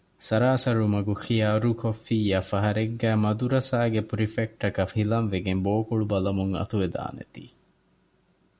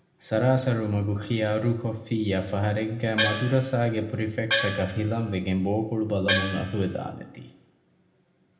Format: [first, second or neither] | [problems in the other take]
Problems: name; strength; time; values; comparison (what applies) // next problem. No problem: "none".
first | background sound (Gong); 3 dB below the speech // room echo; dies away in 0.9 s